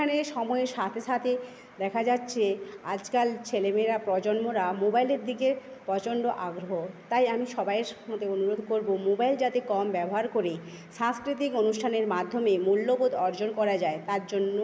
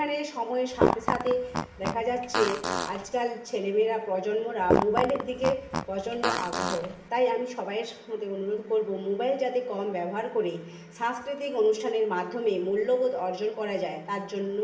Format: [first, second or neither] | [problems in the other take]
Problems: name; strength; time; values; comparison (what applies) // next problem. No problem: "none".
first | background sound (Fart); 1 dB below the speech // room echo; dies away in 0.6 s